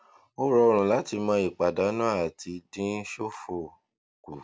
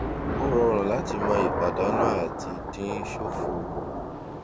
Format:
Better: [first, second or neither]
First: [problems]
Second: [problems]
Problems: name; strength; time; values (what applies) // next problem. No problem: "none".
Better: first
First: none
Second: background sound (Thunder / Rain); as loud as the speech